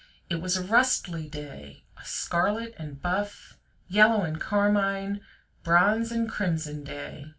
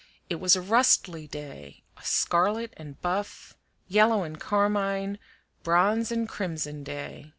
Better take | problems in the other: second | room echo; dies away in 0.2 s

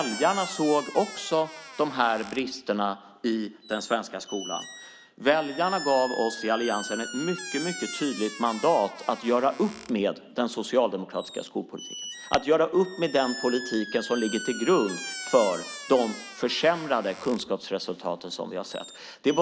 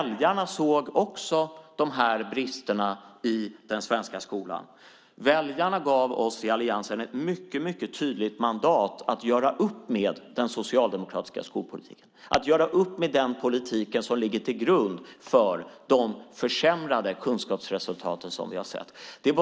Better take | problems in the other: second | background sound (Squeak); 13 dB below the speech

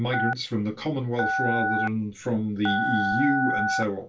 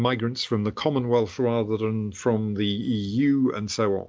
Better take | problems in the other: second | background sound (Telephone); as loud as the speech // room echo; dies away in 0.2 s

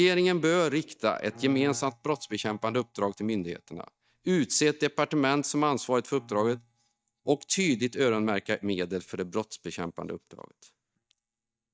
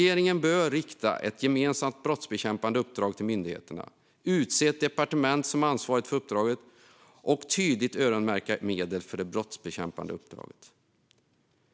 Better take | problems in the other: second | noise reduction (neural mask model DeepFilterNet 3)

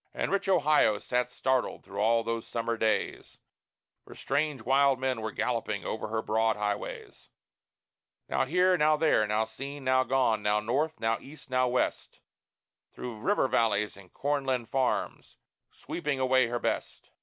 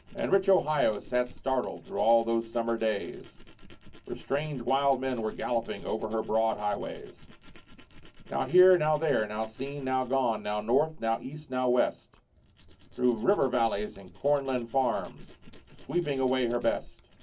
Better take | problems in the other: first | background sound (Tools); 19 dB below the speech // room echo; dies away in 0.3 s

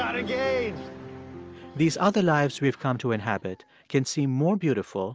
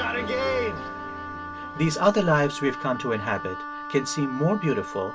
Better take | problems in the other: first | background sound (Wind instrument, woodwind instrument); 9 dB below the speech // room echo; dies away in 0.1 s

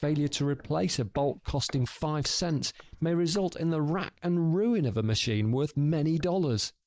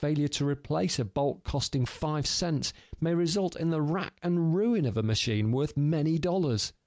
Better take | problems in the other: second | noise reduction (neural mask model Resemble Enhance denoiser)

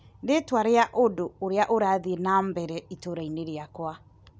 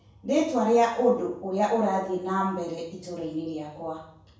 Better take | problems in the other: first | room echo; dies away in 0.6 s

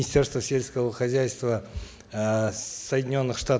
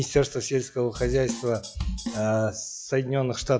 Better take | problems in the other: first | noise reduction (classical method log-MMSE)

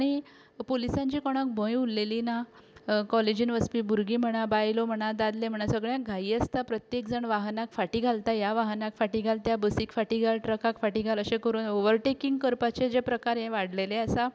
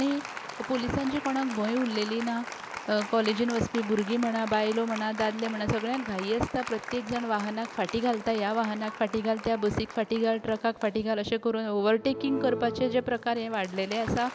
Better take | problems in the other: first | background sound (Applause); 11 dB below the speech

